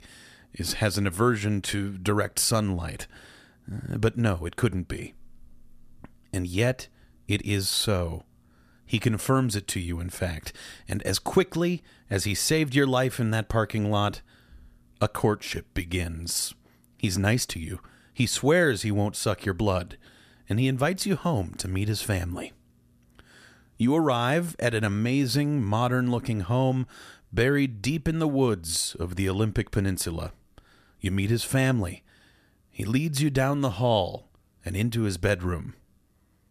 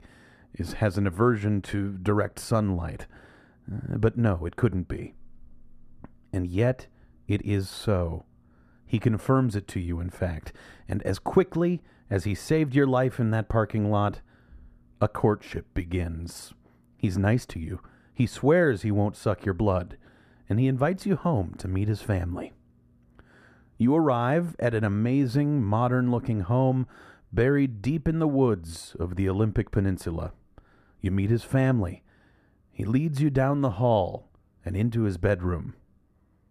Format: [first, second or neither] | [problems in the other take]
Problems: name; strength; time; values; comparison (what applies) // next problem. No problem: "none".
first | muffled; slightly; fading above 2 kHz